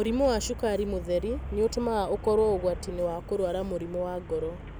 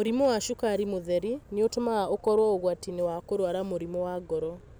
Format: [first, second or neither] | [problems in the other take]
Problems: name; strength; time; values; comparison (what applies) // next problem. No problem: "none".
second | background sound (Traffic noise, roadway noise); 11 dB below the speech